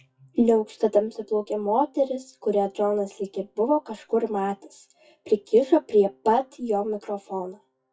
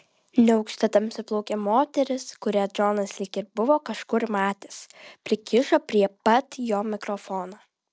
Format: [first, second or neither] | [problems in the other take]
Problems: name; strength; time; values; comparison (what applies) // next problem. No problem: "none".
second | noise reduction (classical method WPE with log-MMSE)